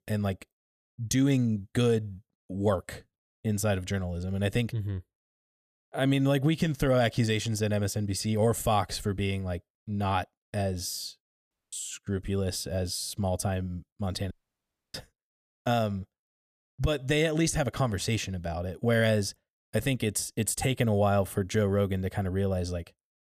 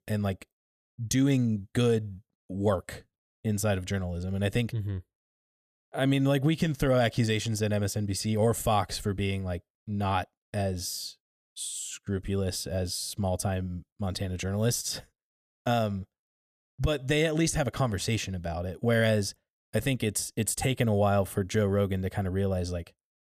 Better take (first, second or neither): second